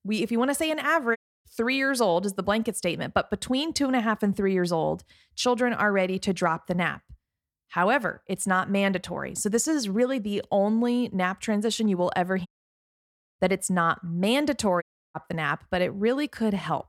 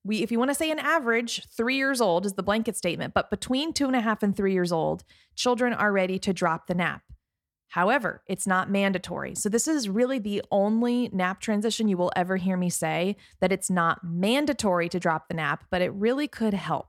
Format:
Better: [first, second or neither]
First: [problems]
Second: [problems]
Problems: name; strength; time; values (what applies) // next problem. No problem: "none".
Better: second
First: audio cutting out; at 1 s, at 12 s for 1 s and at 15 s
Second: none